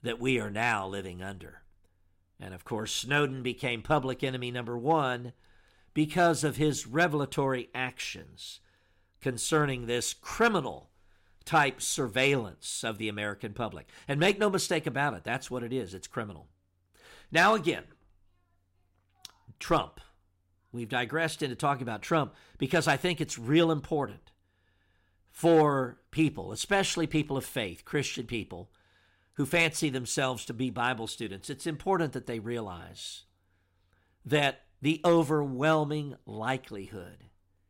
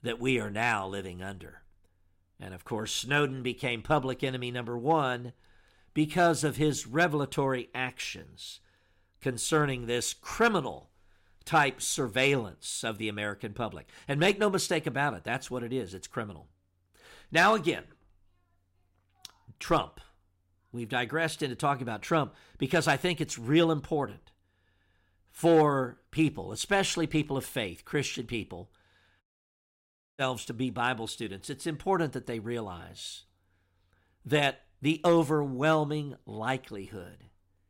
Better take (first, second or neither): first